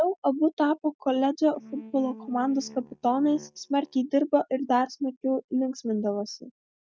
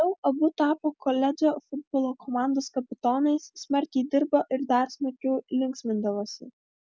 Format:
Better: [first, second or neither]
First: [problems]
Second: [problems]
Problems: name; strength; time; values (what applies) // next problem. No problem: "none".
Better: second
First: noise reduction (neural mask model DeepFilterNet 3)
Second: none